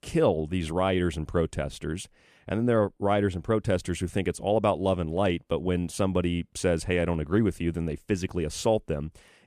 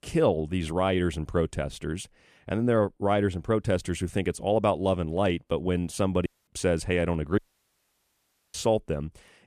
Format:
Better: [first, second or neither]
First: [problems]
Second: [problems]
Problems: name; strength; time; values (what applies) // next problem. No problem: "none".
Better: first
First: none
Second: audio cutting out; at 6.5 s and at 7.5 s for 1 s